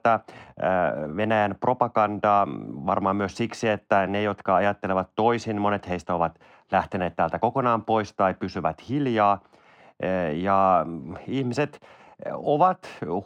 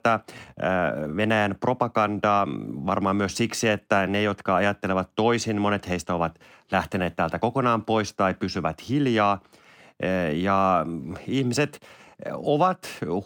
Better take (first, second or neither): second